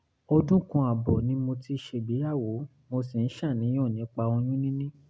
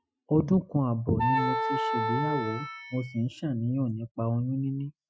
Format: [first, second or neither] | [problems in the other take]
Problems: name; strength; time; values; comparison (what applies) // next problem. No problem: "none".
first | noise reduction (classical method Wiener filter)